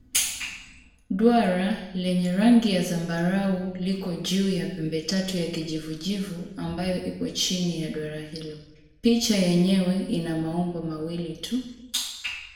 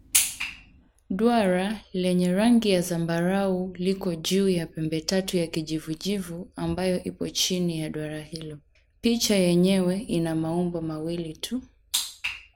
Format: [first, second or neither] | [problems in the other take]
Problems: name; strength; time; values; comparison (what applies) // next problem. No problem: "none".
second | room echo; dies away in 0.9 s